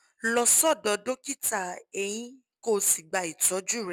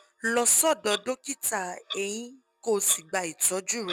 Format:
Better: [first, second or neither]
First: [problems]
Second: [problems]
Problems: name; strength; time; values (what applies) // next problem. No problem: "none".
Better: first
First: none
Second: background sound (Clock); 15 dB below the speech